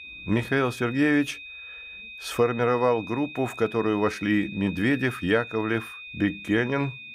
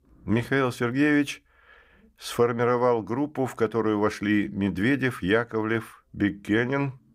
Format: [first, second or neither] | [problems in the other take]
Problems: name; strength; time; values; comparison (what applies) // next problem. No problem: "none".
second | high-pitched whine; noticeable; throughout; 2.5 kHz, 15 dB below the speech